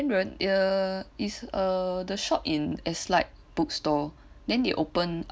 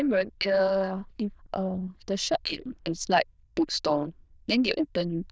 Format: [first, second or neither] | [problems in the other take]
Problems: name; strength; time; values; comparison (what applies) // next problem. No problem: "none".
first | noise reduction (neural diffusion model UNIVERSE++)